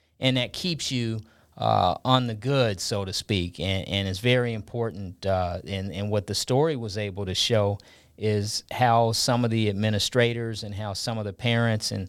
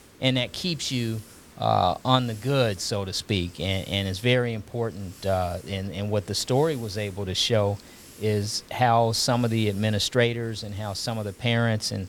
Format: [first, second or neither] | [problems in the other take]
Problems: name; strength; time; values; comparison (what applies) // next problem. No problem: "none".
first | hiss; faint; throughout; 20 dB below the speech